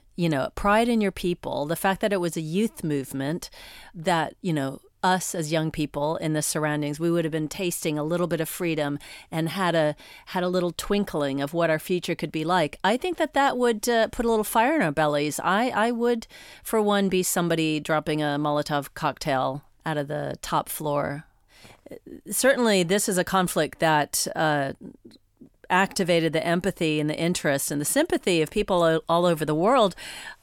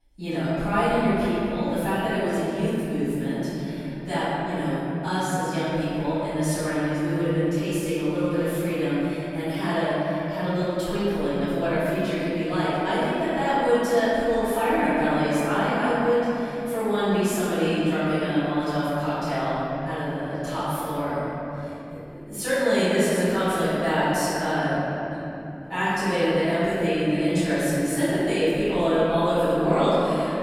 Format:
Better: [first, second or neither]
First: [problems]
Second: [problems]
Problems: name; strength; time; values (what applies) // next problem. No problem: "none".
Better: first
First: none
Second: off-mic speech; far // room echo; strong; dies away in 3 s